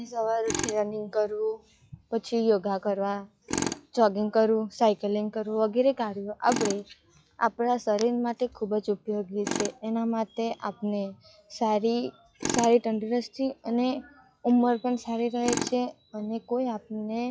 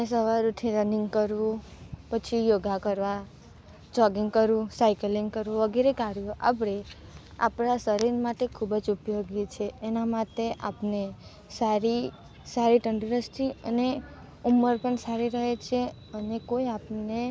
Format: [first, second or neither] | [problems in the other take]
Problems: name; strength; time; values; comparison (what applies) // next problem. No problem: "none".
second | noise reduction (classical method log-MMSE)